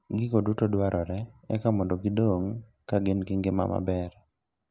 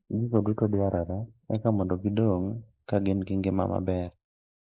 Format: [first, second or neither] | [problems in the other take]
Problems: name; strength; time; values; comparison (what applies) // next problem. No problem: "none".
first | noise reduction (neural mask model Resemble Enhance denoiser)